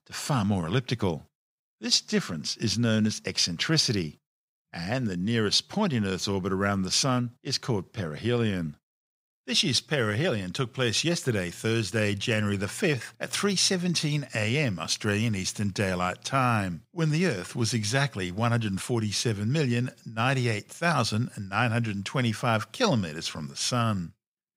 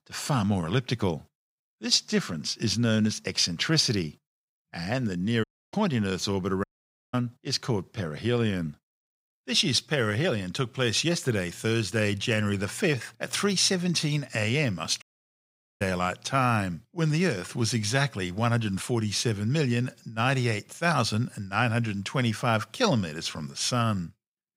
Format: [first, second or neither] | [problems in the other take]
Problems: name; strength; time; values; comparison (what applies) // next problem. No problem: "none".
first | audio cutting out; at 5.5 s, at 6.5 s and at 15 s for 1 s